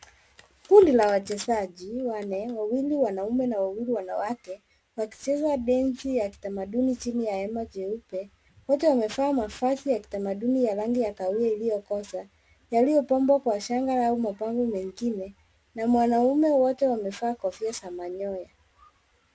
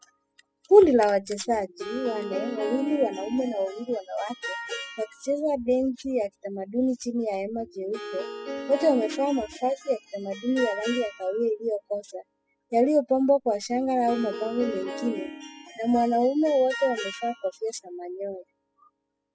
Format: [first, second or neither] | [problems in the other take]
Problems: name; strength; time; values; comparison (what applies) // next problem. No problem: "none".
first | noise reduction (classical method spectral subtraction)